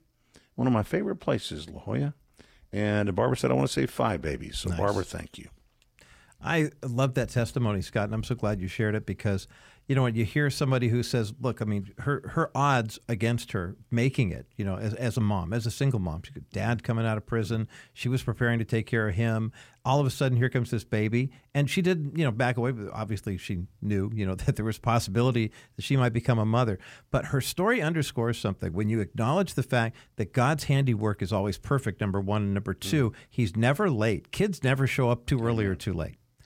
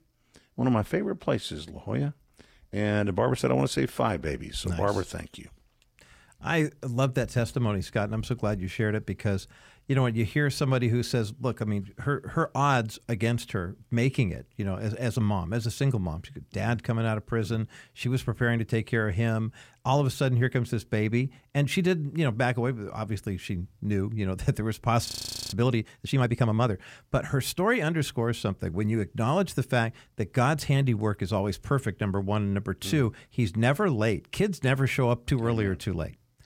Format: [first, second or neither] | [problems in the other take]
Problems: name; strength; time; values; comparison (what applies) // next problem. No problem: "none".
first | audio freezing; at 25 s